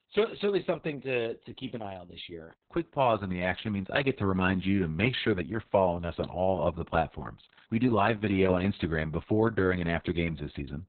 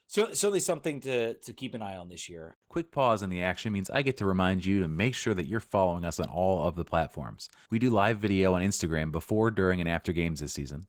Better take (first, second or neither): second